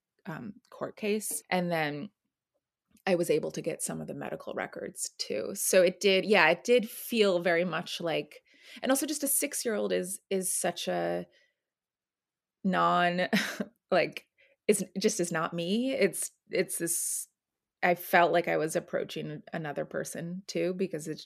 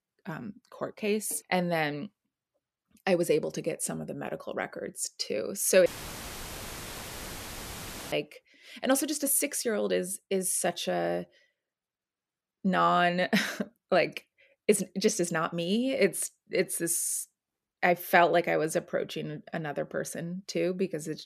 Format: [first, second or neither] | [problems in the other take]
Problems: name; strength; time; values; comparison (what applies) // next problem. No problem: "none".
first | audio cutting out; filled with static; at 6 s for 2.5 s